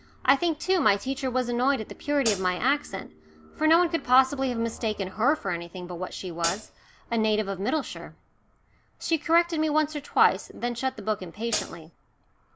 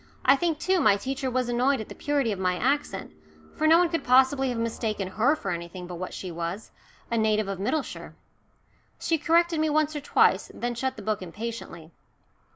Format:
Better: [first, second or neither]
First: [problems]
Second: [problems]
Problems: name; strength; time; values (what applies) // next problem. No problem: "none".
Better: second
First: background sound (Hi-hat); 6 dB below the speech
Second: none